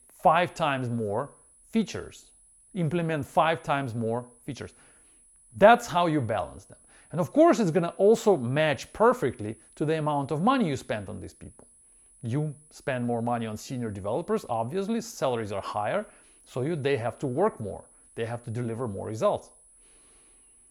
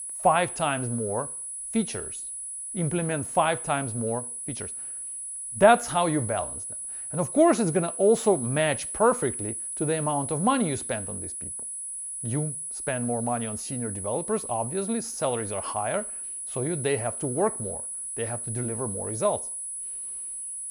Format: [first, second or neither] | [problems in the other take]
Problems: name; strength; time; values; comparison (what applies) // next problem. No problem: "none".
first | high-pitched whine; loud; throughout; 10.5 kHz, 5 dB below the speech; faint in the first